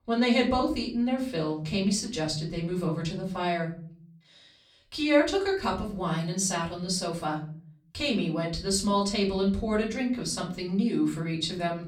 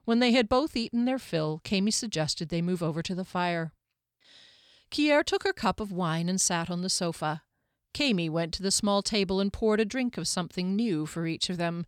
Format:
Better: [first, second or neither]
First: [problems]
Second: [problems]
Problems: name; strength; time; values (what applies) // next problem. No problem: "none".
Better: second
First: off-mic speech; far // room echo; slight; dies away in 0.6 s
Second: none